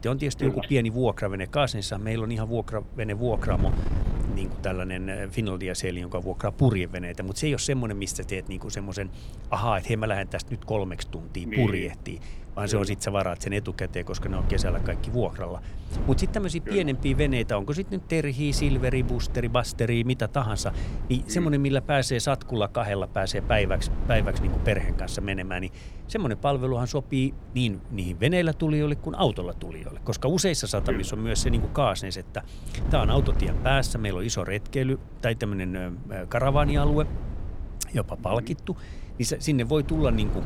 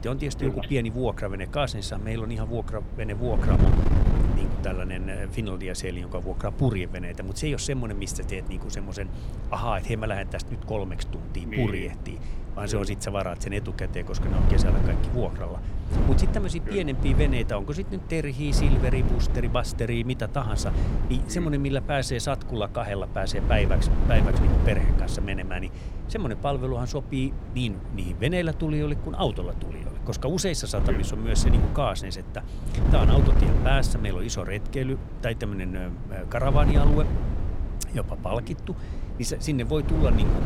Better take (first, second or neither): first